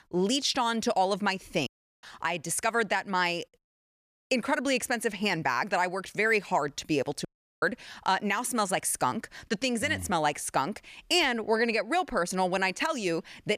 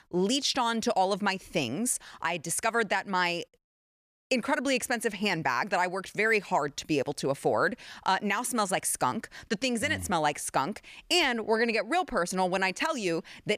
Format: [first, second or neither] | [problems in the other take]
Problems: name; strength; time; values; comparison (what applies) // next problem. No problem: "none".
second | audio cutting out; at 1.5 s and at 7.5 s